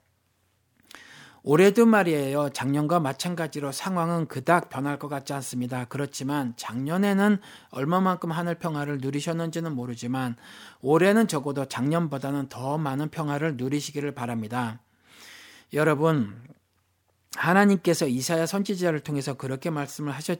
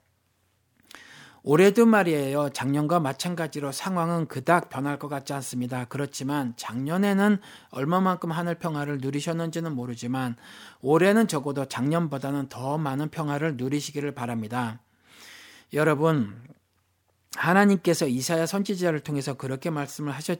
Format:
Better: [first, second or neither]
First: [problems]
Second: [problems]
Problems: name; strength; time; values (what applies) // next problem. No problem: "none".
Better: neither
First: none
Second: none